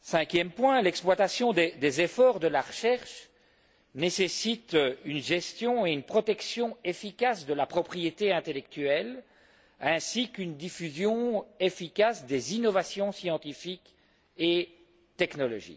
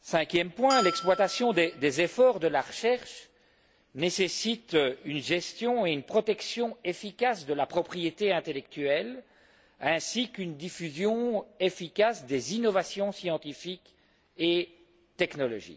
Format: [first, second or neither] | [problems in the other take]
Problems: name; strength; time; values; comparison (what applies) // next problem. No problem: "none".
first | background sound (Bell); 8 dB below the speech